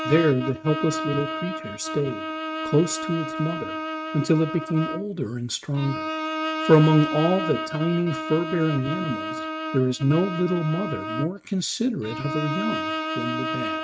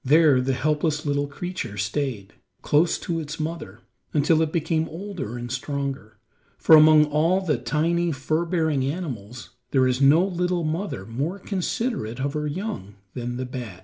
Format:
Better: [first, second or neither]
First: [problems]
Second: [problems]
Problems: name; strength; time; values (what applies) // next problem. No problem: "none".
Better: second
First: noise reduction (neural mask model RNNoise)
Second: none